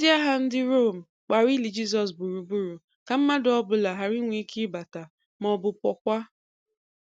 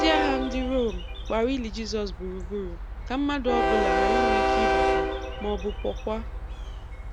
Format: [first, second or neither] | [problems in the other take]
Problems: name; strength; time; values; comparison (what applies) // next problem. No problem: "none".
first | background sound (Train); 3 dB above the speech